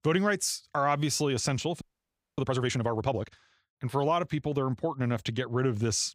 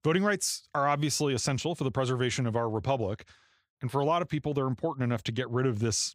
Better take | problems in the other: second | audio freezing; at 2 s for 0.5 s

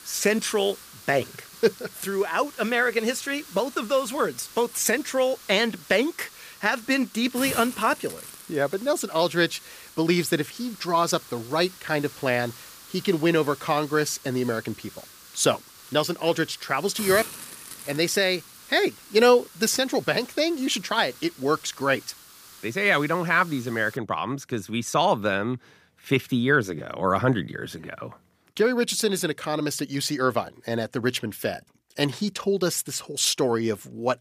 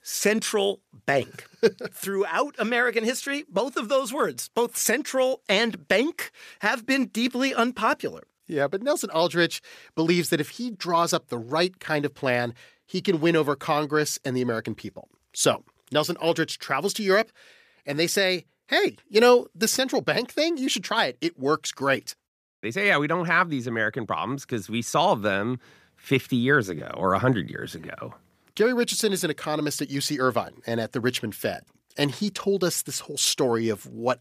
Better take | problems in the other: second | hiss; noticeable; until 24 s; 15 dB below the speech

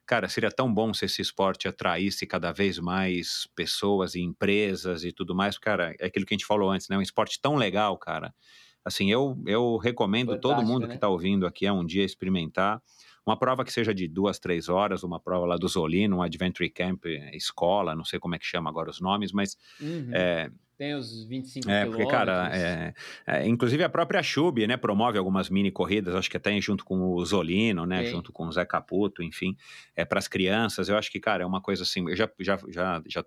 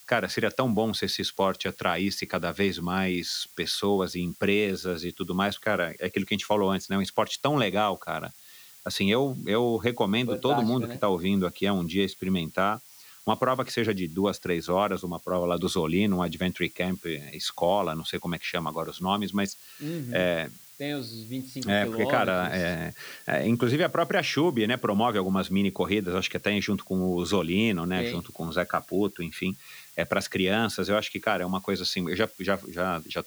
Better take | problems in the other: first | hiss; faint; throughout; 20 dB below the speech

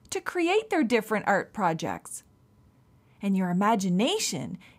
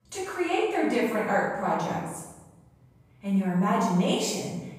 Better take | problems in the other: first | off-mic speech; far // room echo; strong; dies away in 0.9 s

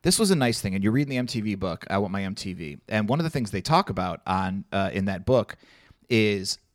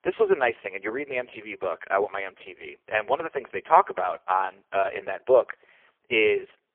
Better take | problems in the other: first | phone-call audio; poor line

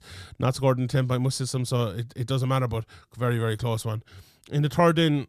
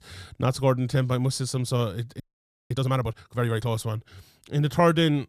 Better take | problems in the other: first | audio freezing; at 2 s for 0.5 s

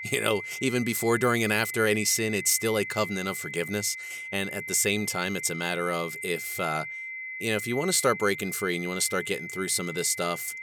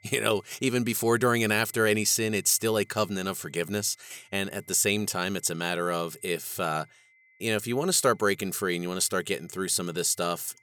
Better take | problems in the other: second | high-pitched whine; loud; throughout; 2 kHz, 8 dB below the speech; faint in the second

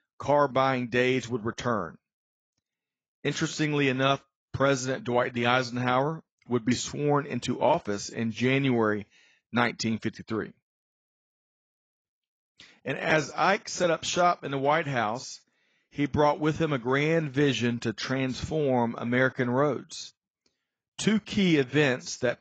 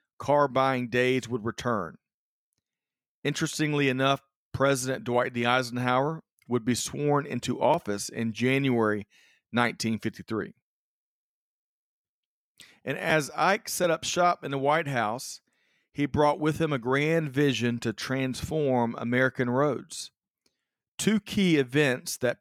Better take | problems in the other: second | garbled, watery; badly; nothing above 7.5 kHz

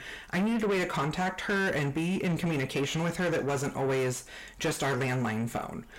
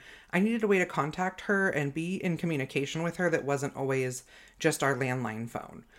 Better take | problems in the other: second | distortion; heavy; 6 dB below the speech

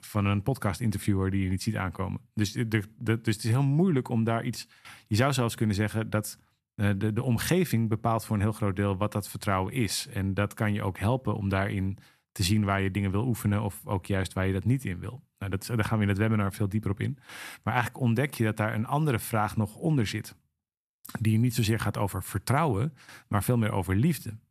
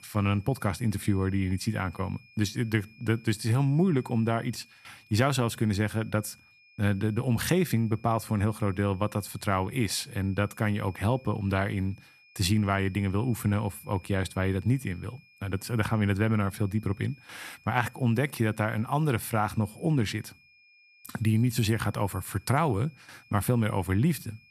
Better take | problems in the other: first | high-pitched whine; faint; throughout; 2.5 kHz, 25 dB below the speech

